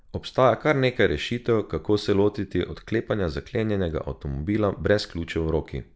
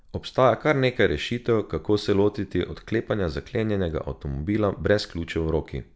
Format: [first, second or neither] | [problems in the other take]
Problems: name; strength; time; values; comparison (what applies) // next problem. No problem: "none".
second | noise reduction (neural mask model Resemble Enhance denoiser)